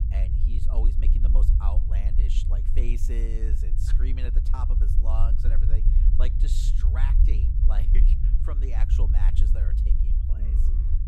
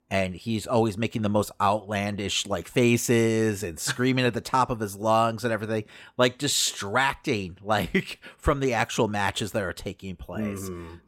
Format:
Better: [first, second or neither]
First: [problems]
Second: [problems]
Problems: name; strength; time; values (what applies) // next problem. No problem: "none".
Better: second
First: low rumble; loud; throughout; 2 dB below the speech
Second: none